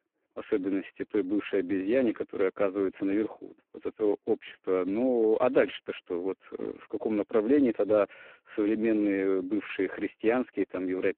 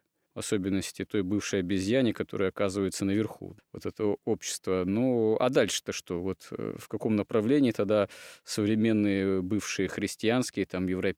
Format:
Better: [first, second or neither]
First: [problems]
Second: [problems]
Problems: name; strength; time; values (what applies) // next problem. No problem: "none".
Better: second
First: phone-call audio; poor line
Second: none